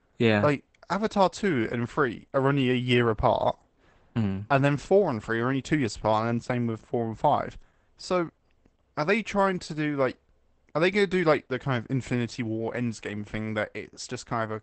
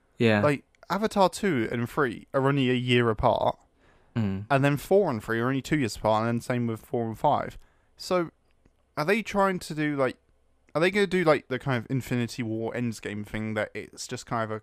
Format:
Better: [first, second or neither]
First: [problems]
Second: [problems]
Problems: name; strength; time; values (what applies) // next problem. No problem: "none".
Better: second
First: garbled, watery; badly; nothing above 8 kHz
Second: none